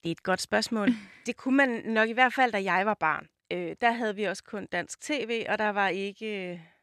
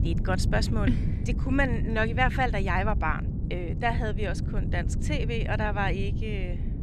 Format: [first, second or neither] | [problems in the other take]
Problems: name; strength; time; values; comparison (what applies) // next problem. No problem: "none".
first | wind noise on the microphone; occasional gusts; 10 dB below the speech